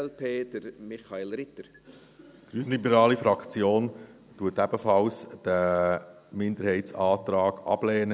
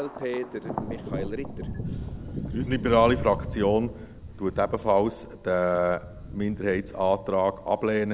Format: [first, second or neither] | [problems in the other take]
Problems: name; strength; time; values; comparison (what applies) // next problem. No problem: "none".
first | background sound (Thunder); 9 dB below the speech